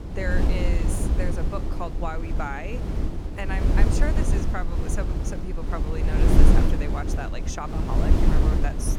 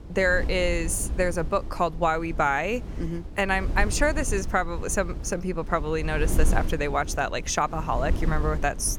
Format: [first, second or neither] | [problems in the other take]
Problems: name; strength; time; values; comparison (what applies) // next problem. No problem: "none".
second | wind noise on the microphone; heavy; as loud as the speech; occasional gusts in the second